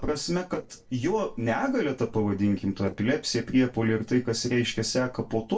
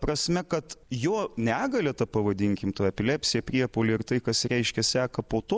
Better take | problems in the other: second | noise reduction (neural separator model SepFormer DNS4)

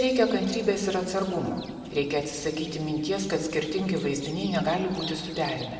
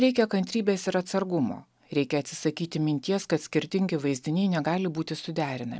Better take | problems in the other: second | background sound (Chirp, tweet); 17 dB below the speech // room echo; dies away in 2.1 s

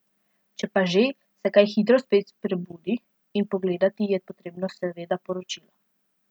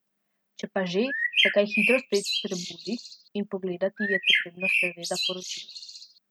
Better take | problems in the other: first | background sound (Bird); 2 dB above the speech

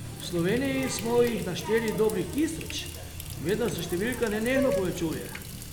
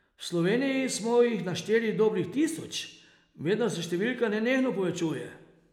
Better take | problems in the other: second | background sound (Water tap, faucet); 7 dB below the speech

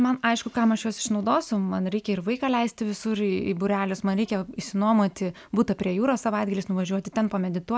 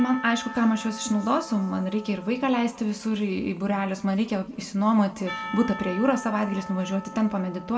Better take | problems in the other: first | background sound (Percussion); 15 dB below the speech // room echo; dies away in 1.3 s

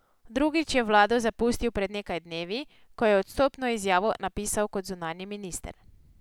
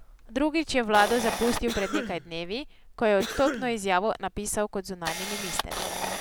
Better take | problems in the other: first | background sound (Camera + Cough); 7 dB below the speech

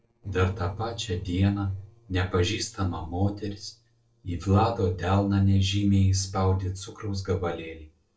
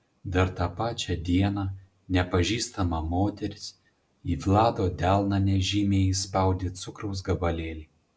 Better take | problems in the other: second | noise reduction (neural separator model SepFormer DNS4)

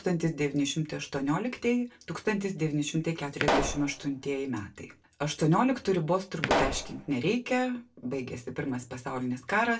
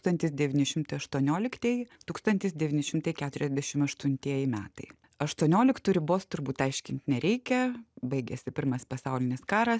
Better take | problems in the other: second | background sound (Explosion); 3 dB below the speech // room echo; dies away in 0.2 s

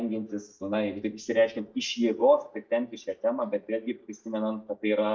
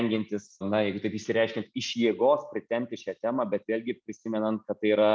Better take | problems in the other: second | noise reduction (neural mask model DeepFilterNet 3)

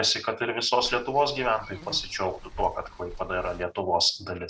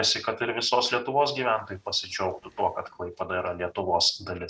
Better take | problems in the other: second | background sound (Walk, footsteps / Insect); 15 dB below the speech

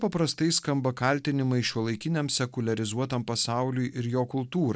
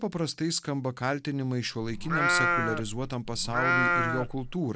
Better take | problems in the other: first | background sound (Livestock, farm animals, working animals); 3 dB above the speech

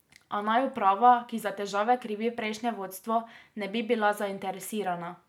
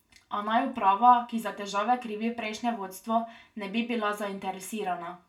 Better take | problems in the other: first | room echo; dies away in 0.2 s

